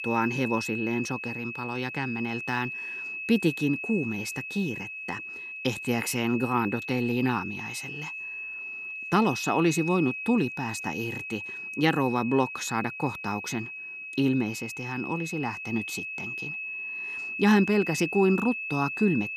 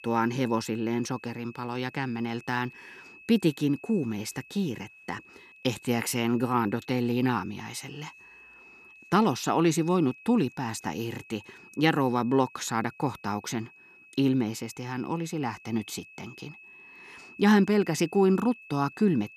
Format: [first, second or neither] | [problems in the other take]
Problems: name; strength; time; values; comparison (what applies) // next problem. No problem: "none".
second | high-pitched whine; loud; throughout; 2.5 kHz, 6 dB below the speech; faint in the second